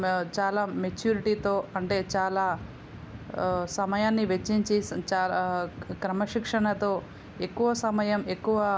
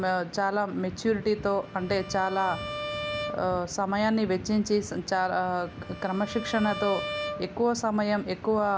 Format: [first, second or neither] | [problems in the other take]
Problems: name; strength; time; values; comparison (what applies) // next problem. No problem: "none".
first | background sound (Bowed string instrument); 12 dB below the speech